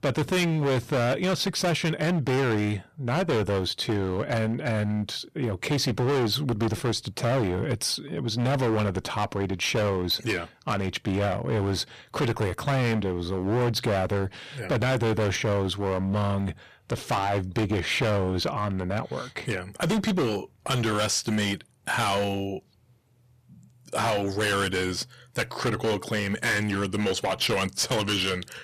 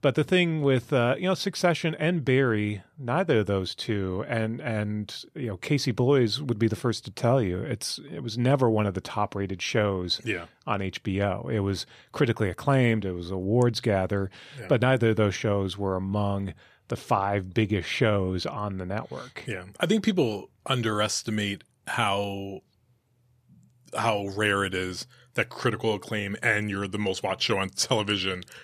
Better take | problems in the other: second | distortion; heavy; 18% of the sound clipped

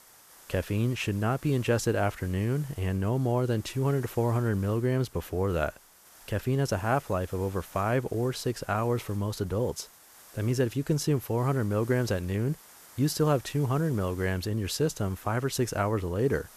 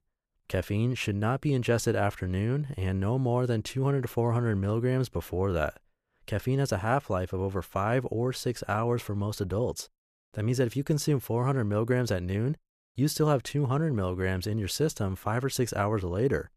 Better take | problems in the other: second | hiss; faint; throughout; 20 dB below the speech

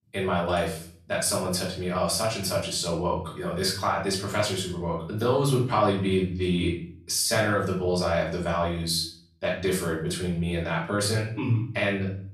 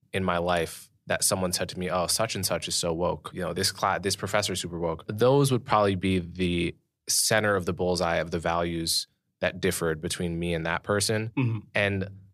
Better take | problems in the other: second | off-mic speech; far // room echo; noticeable; dies away in 0.5 s

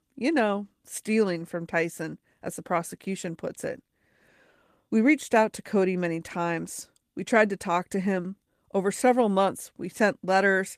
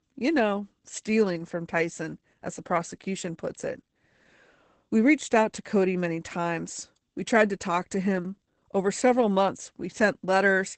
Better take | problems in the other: first | garbled, watery; badly; nothing above 8 kHz; slightly in the first

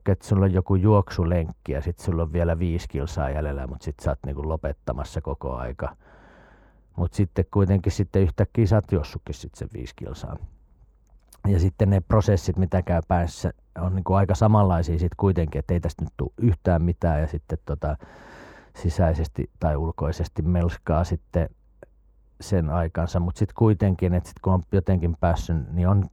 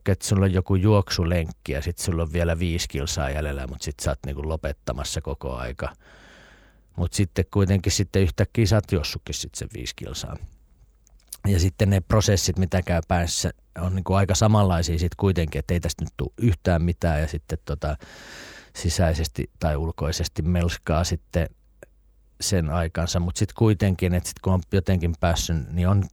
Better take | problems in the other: second | muffled; very; fading above 2 kHz

